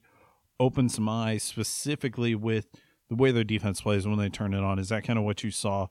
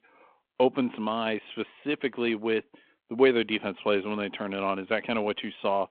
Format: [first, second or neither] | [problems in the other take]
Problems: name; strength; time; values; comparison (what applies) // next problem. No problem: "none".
first | phone-call audio